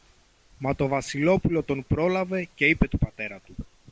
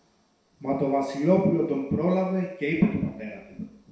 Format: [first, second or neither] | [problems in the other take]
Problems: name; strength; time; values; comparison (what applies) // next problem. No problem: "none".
first | room echo; dies away in 0.7 s